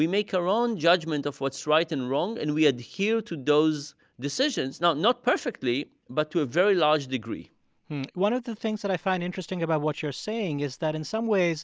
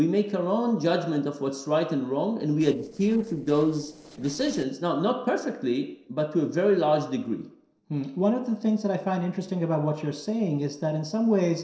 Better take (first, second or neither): first